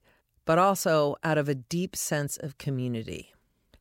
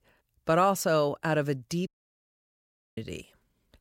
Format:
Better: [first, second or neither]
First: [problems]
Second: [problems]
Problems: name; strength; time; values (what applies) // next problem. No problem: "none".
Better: first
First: none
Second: audio cutting out; at 2 s for 1 s